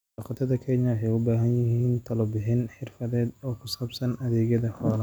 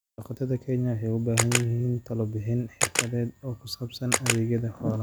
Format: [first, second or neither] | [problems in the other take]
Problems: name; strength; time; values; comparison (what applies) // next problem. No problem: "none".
first | background sound (Camera); 4 dB below the speech